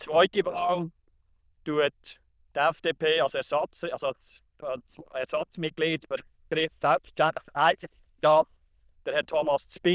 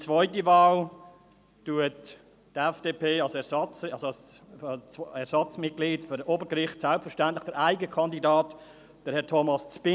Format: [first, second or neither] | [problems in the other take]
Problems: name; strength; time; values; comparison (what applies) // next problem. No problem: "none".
second | noise reduction (neural diffusion model UNIVERSE++)